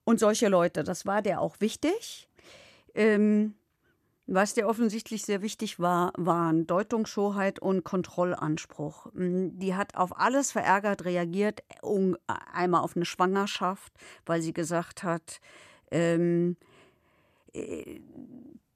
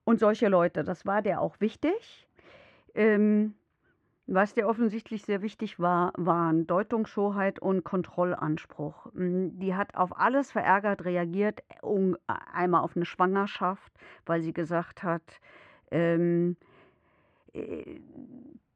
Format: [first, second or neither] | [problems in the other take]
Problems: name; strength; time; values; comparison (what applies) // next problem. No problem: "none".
first | muffled; very; fading above 2 kHz